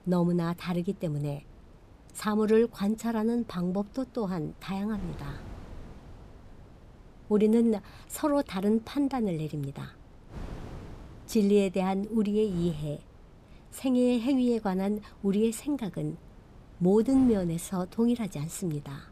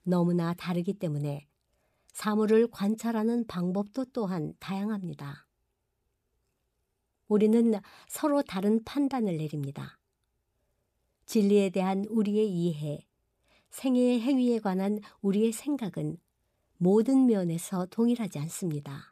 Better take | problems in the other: second | wind noise on the microphone; occasional gusts; 25 dB below the speech

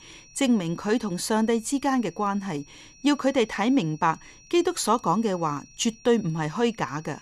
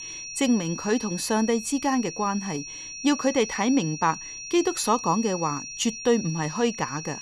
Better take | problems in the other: first | high-pitched whine; loud; throughout; 5.5 kHz, 9 dB below the speech; faint in the first

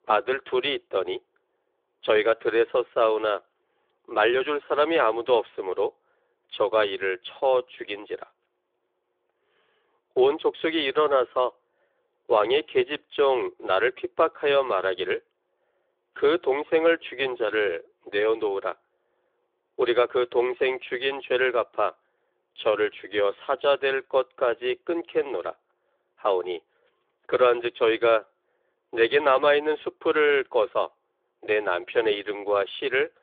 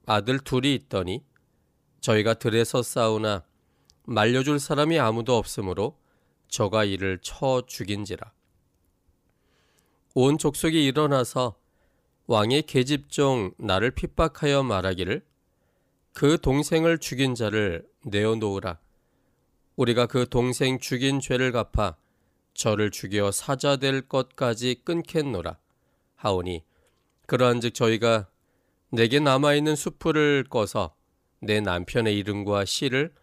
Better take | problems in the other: second | phone-call audio; nothing above 3.5 kHz

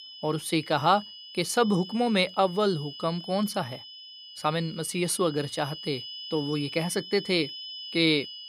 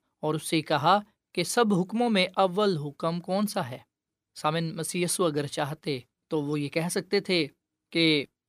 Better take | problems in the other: second | high-pitched whine; noticeable; throughout; 3 kHz, 10 dB below the speech

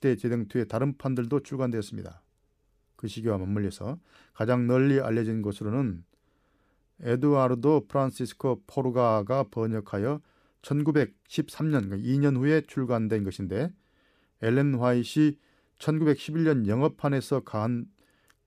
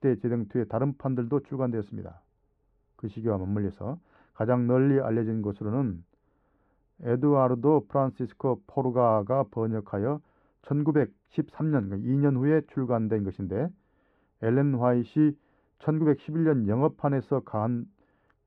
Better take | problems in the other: first | muffled; very; fading above 4 kHz

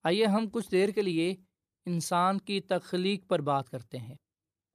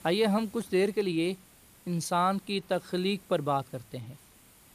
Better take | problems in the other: first | hiss; faint; throughout; 25 dB below the speech

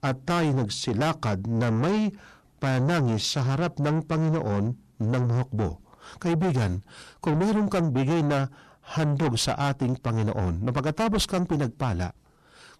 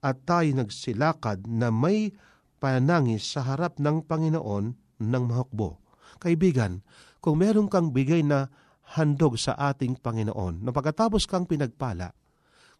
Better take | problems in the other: second | distortion; heavy; 7 dB below the speech

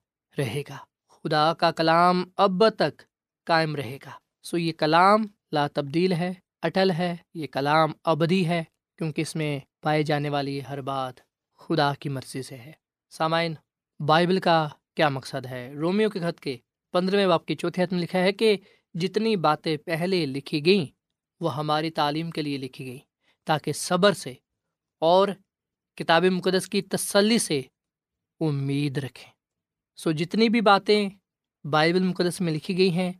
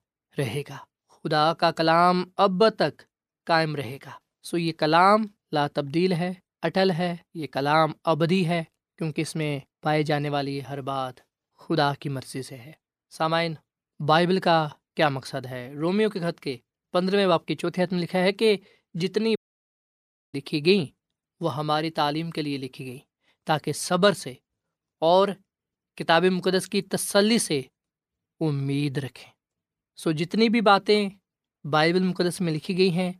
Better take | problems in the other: first | audio cutting out; at 19 s for 1 s

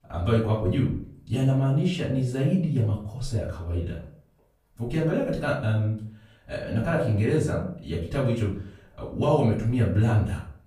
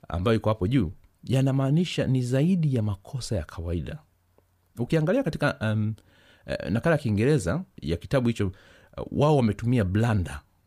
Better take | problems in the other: second | room echo; noticeable; dies away in 0.4 s // off-mic speech; far

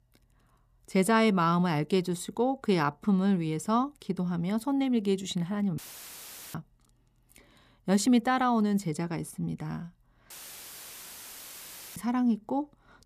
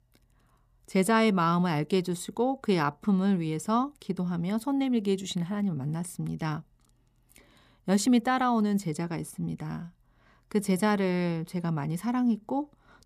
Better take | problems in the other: second | audio cutting out; filled with static; at 6 s for 1 s and at 10 s for 1.5 s

